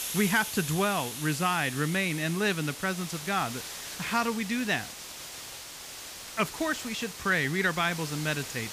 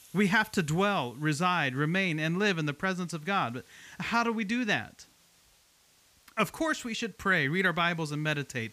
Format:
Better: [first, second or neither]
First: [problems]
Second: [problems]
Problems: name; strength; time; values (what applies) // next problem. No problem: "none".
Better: second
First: hiss; loud; throughout; 8 dB below the speech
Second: hiss; faint; throughout; 30 dB below the speech